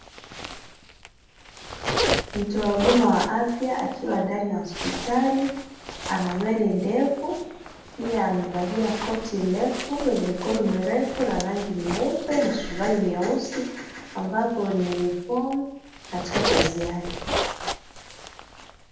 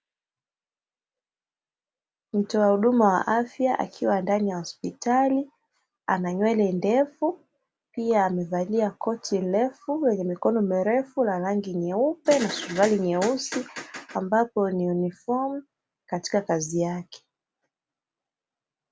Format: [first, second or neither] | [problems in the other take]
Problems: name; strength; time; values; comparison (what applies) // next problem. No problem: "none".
second | background sound (Zipper (clothing)); 7 dB below the speech // room echo; dies away in 0.8 s